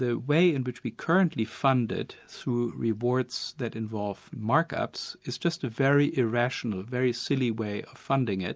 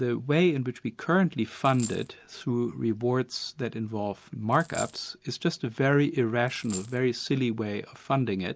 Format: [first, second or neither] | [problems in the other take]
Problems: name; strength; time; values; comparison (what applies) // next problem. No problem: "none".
first | background sound (Coin (dropping)); 15 dB below the speech